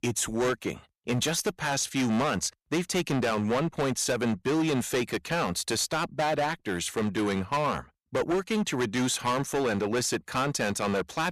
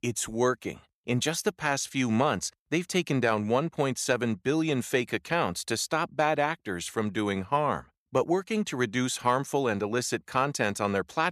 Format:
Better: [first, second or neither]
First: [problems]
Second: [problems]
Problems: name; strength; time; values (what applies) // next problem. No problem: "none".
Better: second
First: distortion; heavy; 16% of the sound clipped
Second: none